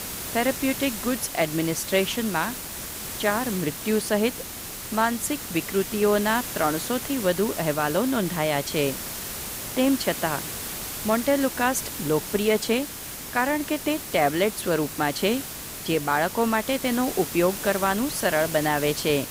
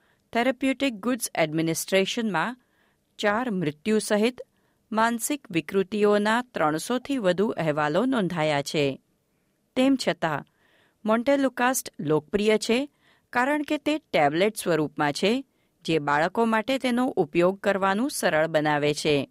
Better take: second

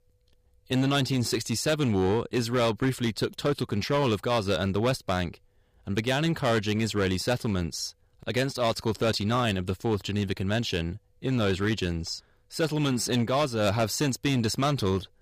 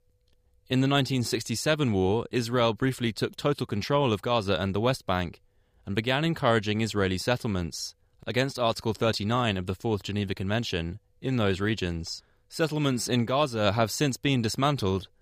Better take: second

